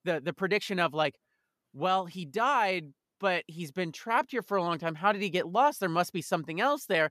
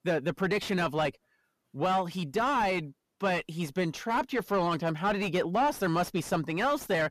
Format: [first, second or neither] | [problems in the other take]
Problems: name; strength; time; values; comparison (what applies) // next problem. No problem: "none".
first | distortion; heavy; 7 dB below the speech